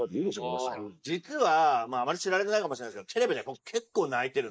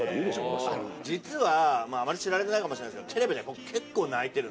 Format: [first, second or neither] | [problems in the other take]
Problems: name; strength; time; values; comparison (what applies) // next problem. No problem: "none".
second | noise reduction (neural mask model Resemble Enhance denoiser)